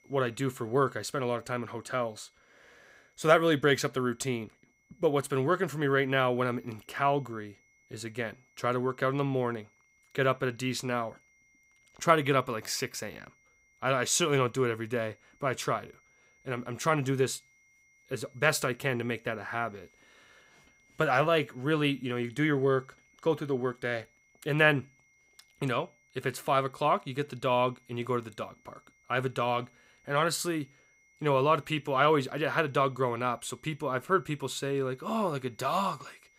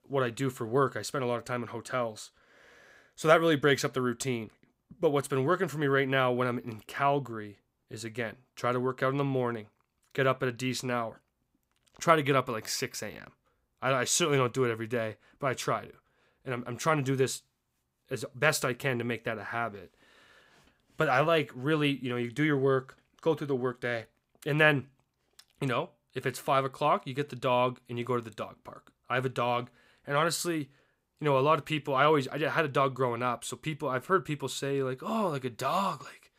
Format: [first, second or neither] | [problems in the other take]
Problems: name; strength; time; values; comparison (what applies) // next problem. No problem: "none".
second | high-pitched whine; faint; throughout; 2 kHz, 35 dB below the speech